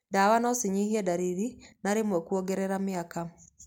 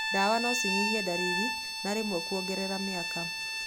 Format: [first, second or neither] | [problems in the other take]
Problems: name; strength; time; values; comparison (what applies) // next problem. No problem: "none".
first | background sound (Bowed string instrument); as loud as the speech